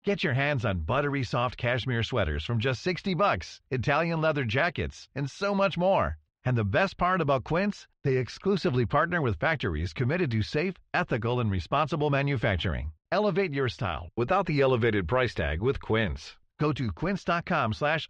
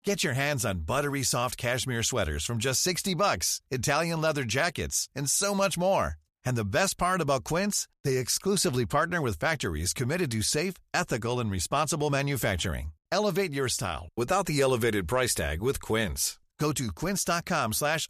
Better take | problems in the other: second | muffled; very; fading above 3.5 kHz

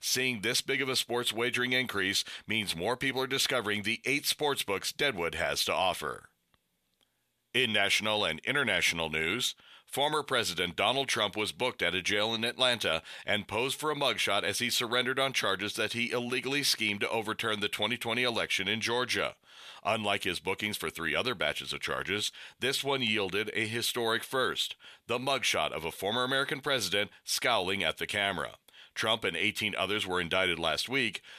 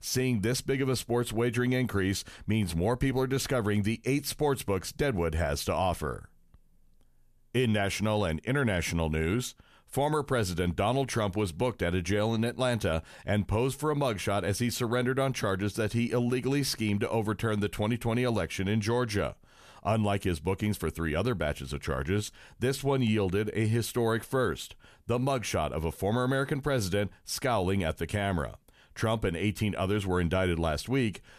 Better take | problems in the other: second | thin; somewhat; fading below 700 Hz

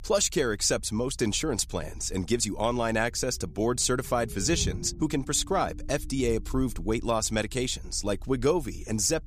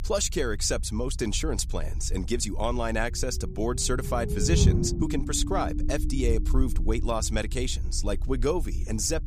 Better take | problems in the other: first | low rumble; loud; throughout; 9 dB below the speech; faint in the first

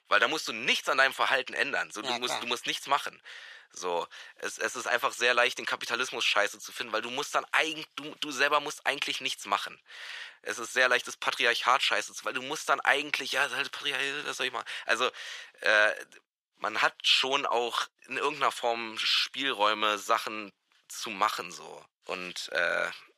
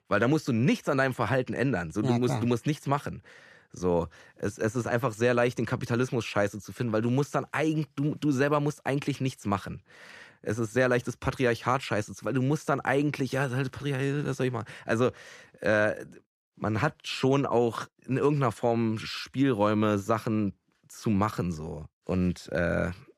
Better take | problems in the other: second | thin; very; fading below 850 Hz

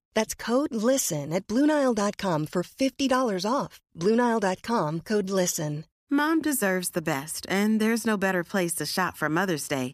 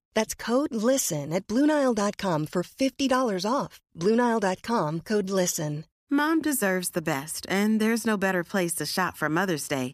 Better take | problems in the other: neither | none

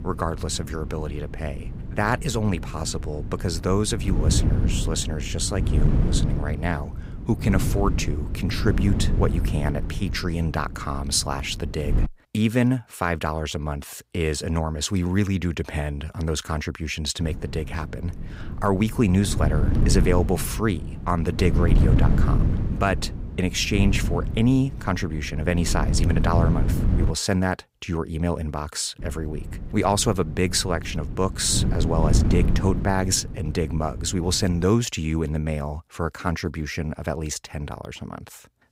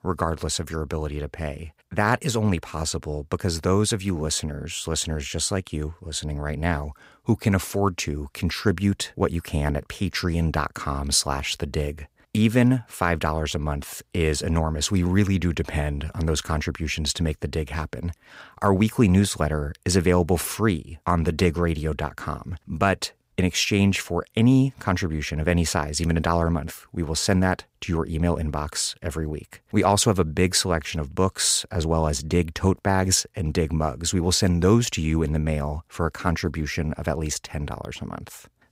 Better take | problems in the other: second | wind noise on the microphone; heavy; until 12 s, from 17 to 27 s and from 29 to 35 s; 10 dB below the speech

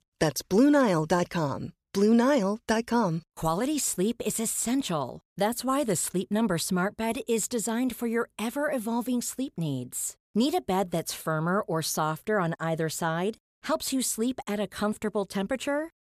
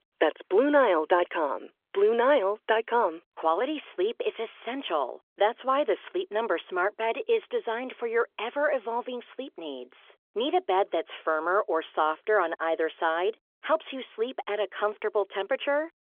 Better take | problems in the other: first | phone-call audio; nothing above 3.5 kHz

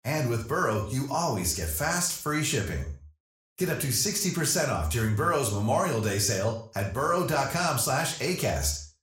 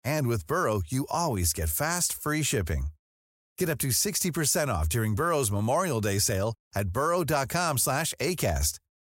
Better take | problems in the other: second | room echo; noticeable; dies away in 0.4 s // off-mic speech; somewhat distant

